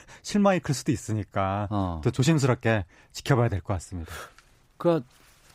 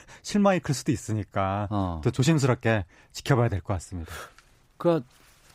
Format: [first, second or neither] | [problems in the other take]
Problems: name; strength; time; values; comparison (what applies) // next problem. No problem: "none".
neither | none